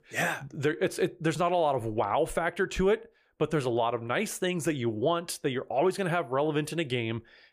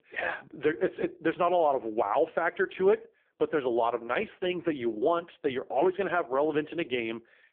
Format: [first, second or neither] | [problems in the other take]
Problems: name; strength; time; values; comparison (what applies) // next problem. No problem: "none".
first | phone-call audio; poor line